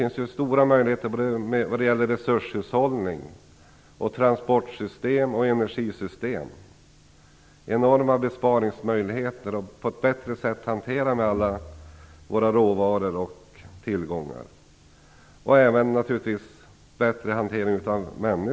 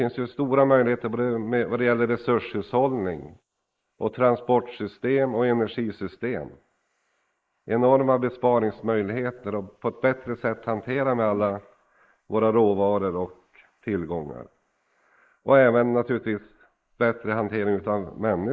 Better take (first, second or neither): first